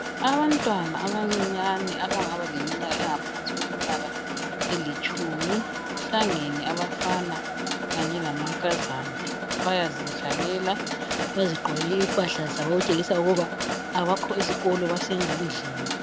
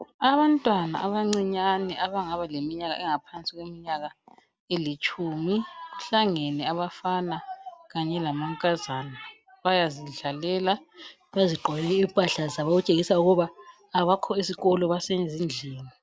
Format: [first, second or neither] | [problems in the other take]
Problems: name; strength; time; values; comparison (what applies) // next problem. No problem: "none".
second | background sound (Mechanisms); 2 dB below the speech